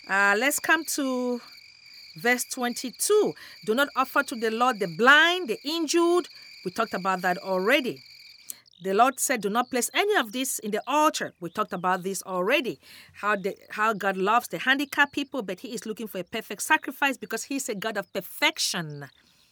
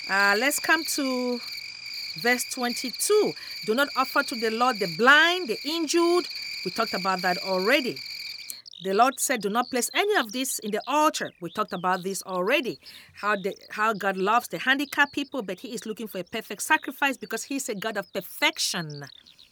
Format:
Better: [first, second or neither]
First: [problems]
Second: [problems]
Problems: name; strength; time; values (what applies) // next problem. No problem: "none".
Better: first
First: animal sounds; faint; throughout; 20 dB below the speech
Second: animal sounds; loud; throughout; 10 dB below the speech